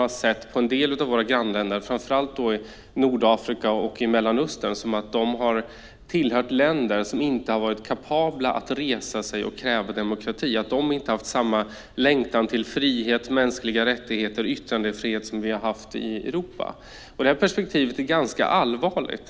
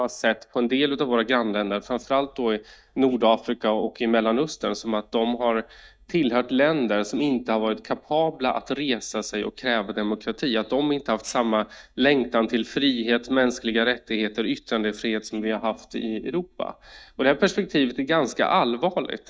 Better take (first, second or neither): first